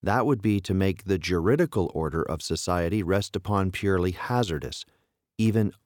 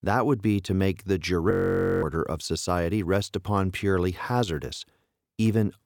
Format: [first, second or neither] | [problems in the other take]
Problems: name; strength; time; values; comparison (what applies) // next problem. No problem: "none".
first | audio freezing; at 1.5 s for 0.5 s